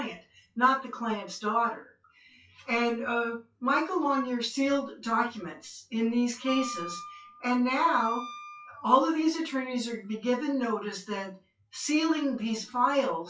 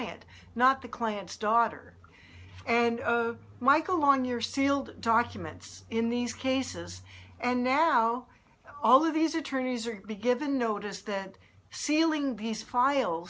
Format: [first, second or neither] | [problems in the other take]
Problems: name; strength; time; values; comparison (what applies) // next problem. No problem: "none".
second | noise reduction (classical method WPE with log-MMSE)